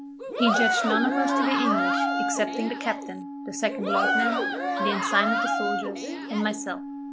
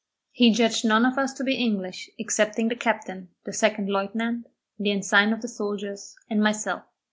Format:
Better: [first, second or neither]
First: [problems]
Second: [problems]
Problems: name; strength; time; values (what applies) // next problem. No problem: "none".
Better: second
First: background sound (Wind instrument, woodwind instrument + Cheering); 3 dB above the speech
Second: none